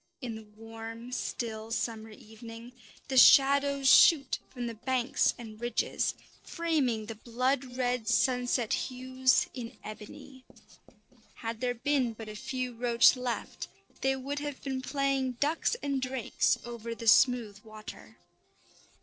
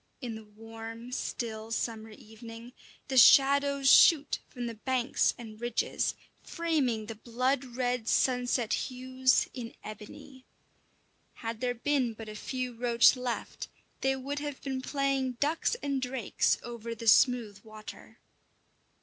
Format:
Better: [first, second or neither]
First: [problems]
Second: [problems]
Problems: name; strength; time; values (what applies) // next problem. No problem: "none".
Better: second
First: noise reduction (neural separator model SepFormer DNS4)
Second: none